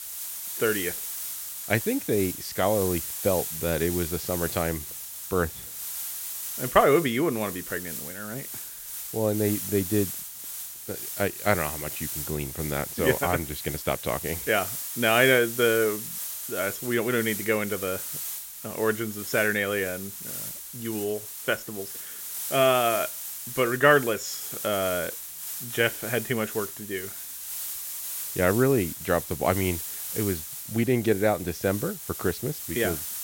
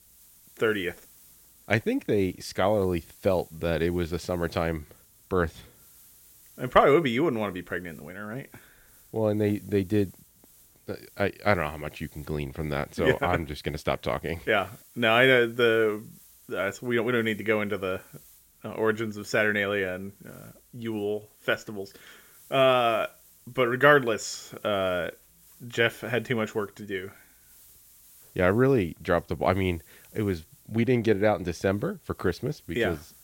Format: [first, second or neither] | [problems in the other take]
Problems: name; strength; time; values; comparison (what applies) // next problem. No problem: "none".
second | hiss; loud; throughout; 6 dB below the speech; faint in the second